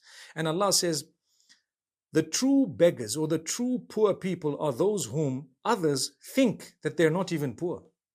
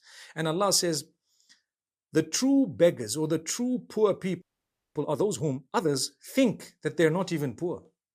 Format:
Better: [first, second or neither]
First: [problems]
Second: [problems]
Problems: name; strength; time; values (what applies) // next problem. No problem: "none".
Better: first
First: none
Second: audio freezing; at 4.5 s for 0.5 s